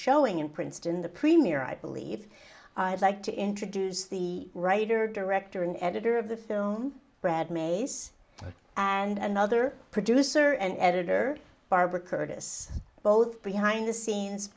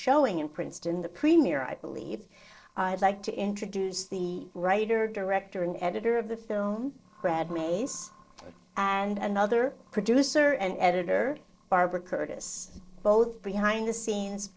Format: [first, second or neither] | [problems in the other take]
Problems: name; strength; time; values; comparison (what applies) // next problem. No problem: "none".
first | noise reduction (neural separator model SepFormer DNS4)